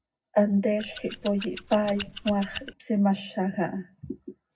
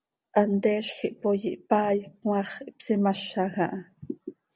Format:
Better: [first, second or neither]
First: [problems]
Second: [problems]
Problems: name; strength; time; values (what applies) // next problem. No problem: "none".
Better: second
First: background sound (Scissors); 13 dB below the speech // room echo; dies away in 0.4 s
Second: none